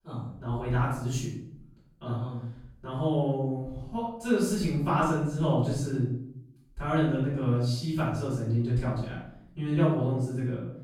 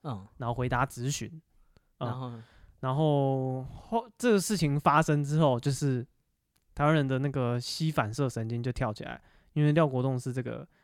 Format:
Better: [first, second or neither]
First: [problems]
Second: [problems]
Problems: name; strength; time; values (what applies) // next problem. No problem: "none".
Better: second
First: off-mic speech; far // room echo; noticeable; dies away in 0.6 s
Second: none